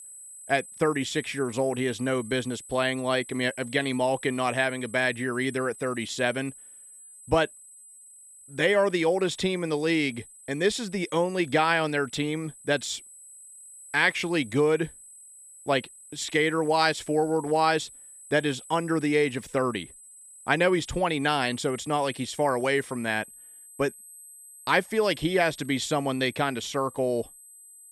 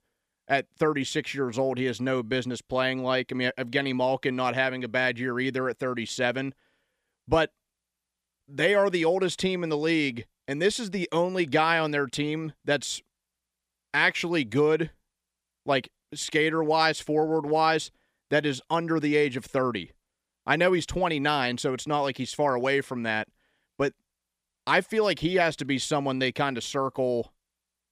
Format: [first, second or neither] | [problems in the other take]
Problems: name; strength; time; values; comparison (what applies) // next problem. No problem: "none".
second | high-pitched whine; noticeable; throughout; 8 kHz, 20 dB below the speech